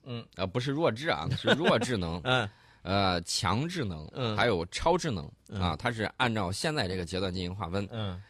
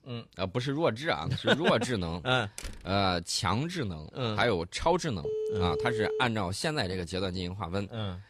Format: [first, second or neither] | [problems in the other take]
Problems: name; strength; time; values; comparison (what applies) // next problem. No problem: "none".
first | door banging; faint; at 2.5 s; peak 15 dB below the speech // phone ringing; noticeable; at 5 s; peak 2 dB below the speech